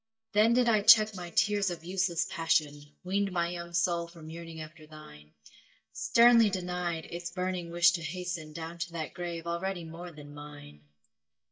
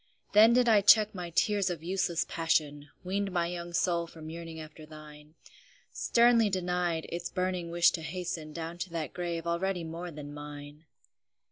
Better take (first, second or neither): second